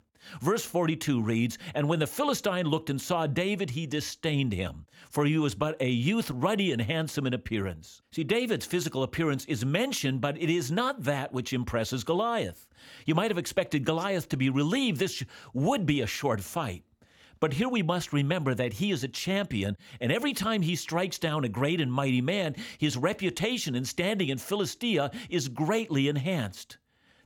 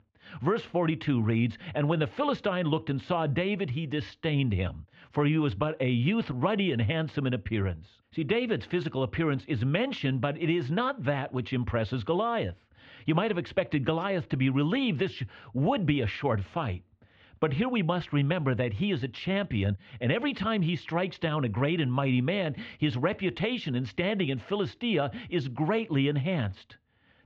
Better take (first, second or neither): first